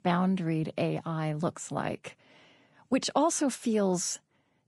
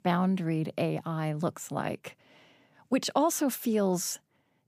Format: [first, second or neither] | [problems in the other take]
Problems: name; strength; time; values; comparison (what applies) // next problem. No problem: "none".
second | garbled, watery; slightly; nothing above 11 kHz